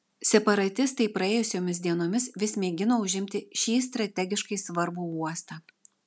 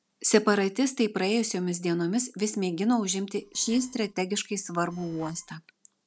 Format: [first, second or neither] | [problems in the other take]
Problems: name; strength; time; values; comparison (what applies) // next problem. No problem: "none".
first | noise reduction (neural separator model SepFormer DNS4)